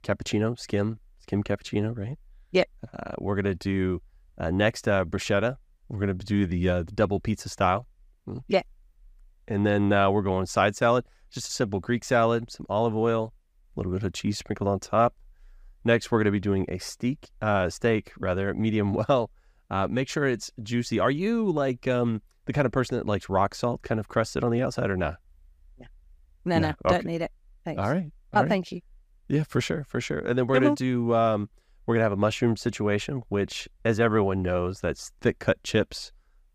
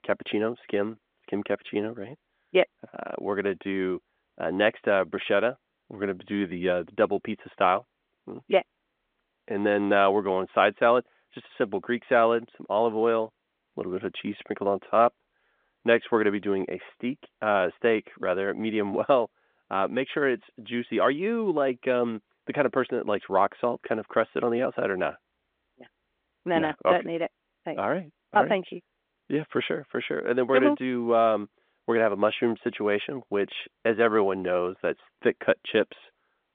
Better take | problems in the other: first | phone-call audio; nothing above 3.5 kHz

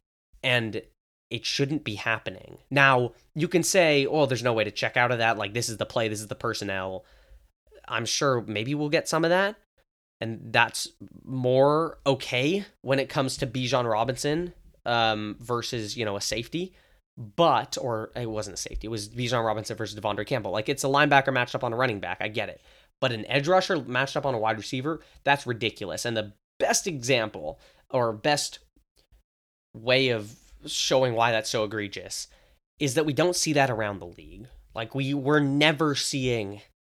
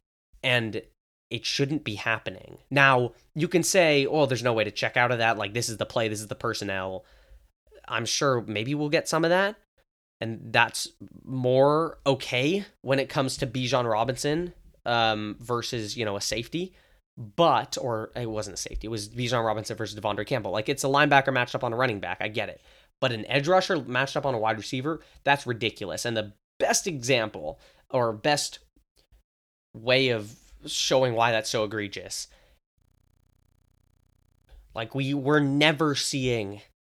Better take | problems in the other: first | audio freezing; at 33 s for 1.5 s

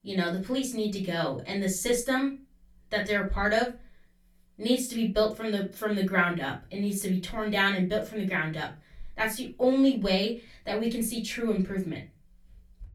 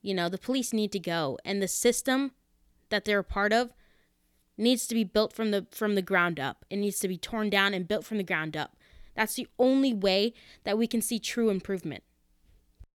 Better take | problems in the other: second | off-mic speech; far // room echo; very slight; dies away in 0.2 s

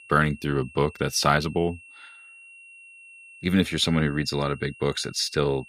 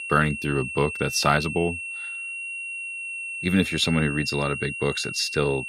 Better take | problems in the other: first | high-pitched whine; loud; throughout; 2.5 kHz, 6 dB below the speech; faint in the first

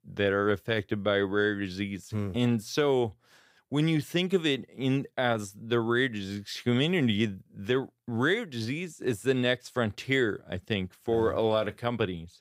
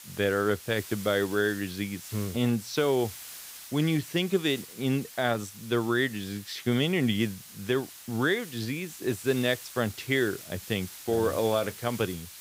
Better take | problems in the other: first | hiss; noticeable; throughout; 15 dB below the speech

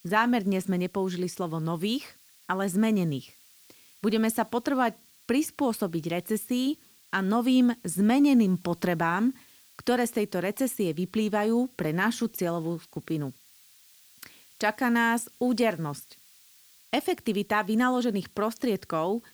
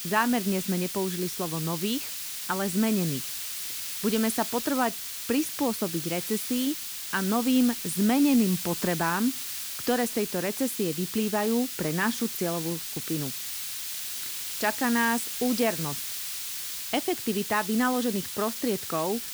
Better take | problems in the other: first | hiss; loud; throughout; 4 dB below the speech; faint in the first

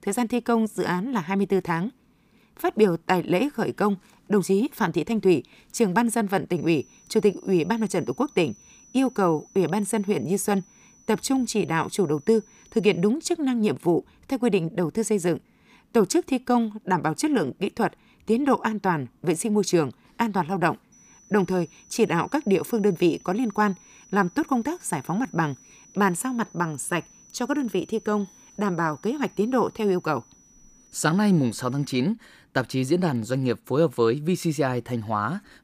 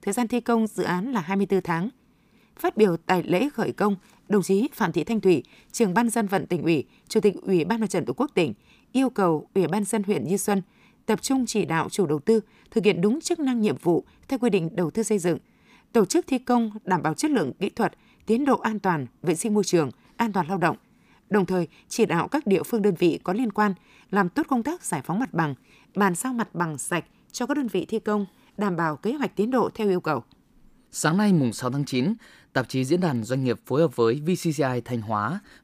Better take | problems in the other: second | high-pitched whine; faint; from 6.5 to 13 s and from 21 to 32 s; 6 kHz, 25 dB below the speech

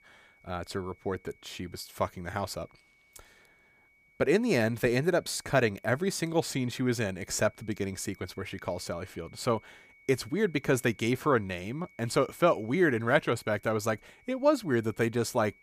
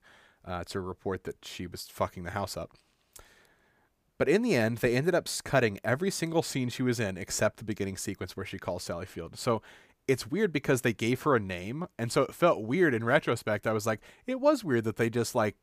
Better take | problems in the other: second | high-pitched whine; faint; throughout; 2 kHz, 30 dB below the speech

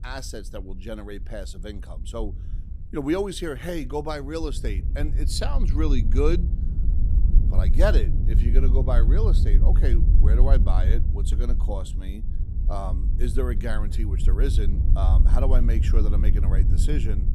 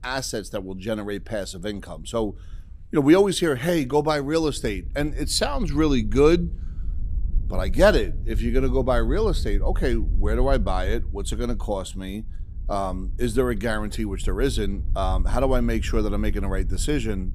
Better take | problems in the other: second | wind noise on the microphone; heavy; 9 dB below the speech; occasional gusts in the second

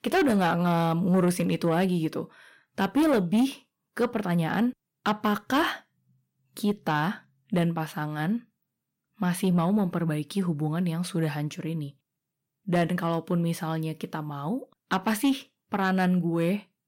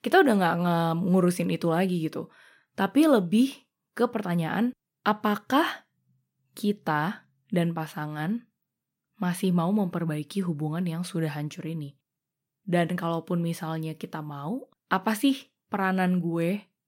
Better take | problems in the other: second | distortion; slight; 10 dB below the speech

